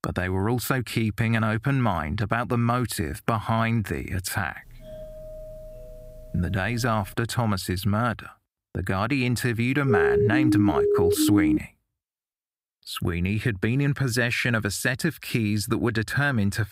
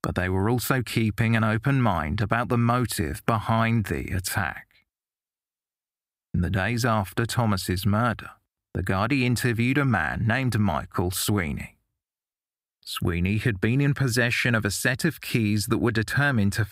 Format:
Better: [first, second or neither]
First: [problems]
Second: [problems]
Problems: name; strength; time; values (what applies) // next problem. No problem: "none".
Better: second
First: doorbell; faint; from 4.5 to 7 s; peak 15 dB below the speech // siren; loud; from 10 to 12 s; peak 4 dB above the speech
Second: none